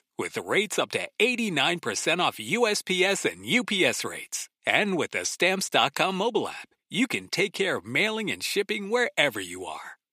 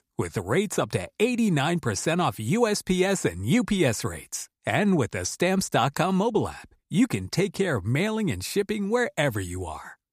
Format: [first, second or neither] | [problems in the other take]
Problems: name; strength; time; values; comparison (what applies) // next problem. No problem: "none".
second | thin; very slightly; fading below 300 Hz